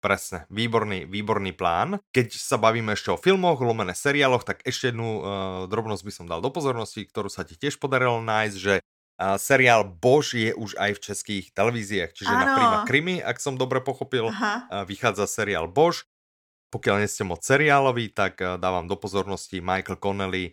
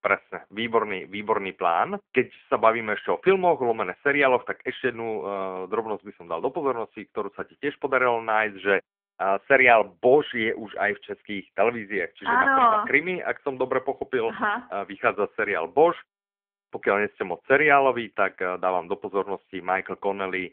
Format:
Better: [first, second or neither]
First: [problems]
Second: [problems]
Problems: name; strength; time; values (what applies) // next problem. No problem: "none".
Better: first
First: none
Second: phone-call audio